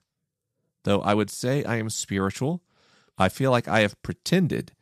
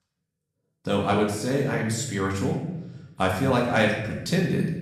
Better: first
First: none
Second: room echo; noticeable; dies away in 0.8 s // off-mic speech; far

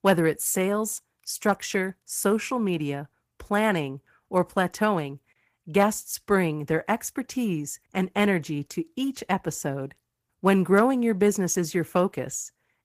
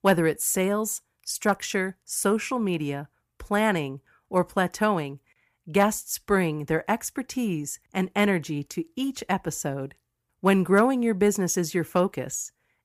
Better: second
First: garbled, watery; slightly; nothing above 15 kHz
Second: none

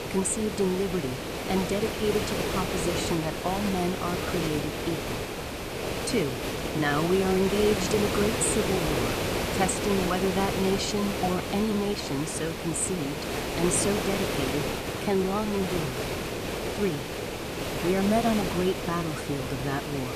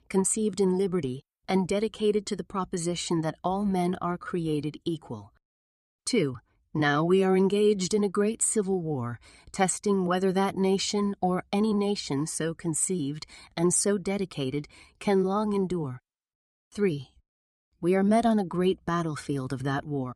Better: second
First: hiss; loud; throughout; 2 dB below the speech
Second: none

